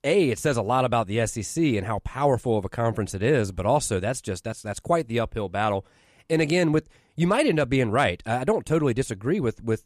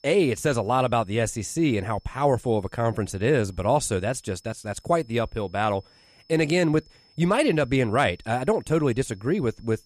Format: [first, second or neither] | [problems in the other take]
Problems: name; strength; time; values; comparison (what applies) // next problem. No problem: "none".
first | high-pitched whine; faint; throughout; 5 kHz, 35 dB below the speech